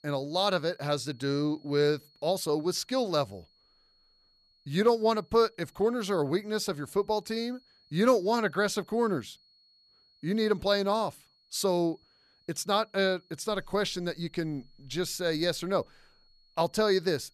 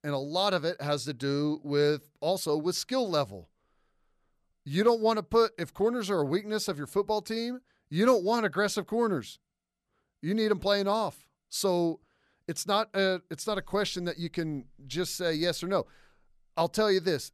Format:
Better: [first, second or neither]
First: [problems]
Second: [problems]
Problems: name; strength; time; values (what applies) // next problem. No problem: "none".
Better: second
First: high-pitched whine; faint; throughout; 4.5 kHz, 35 dB below the speech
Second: none